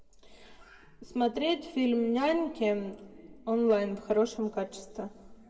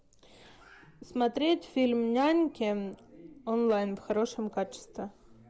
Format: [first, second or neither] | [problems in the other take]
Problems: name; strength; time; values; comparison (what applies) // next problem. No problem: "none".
second | room echo; dies away in 0.9 s